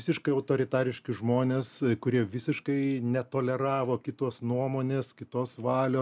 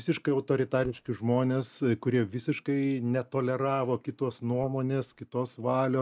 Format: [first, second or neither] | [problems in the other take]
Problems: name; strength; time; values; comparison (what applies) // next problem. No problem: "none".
first | noise reduction (neural mask model DeepFilterNet 3)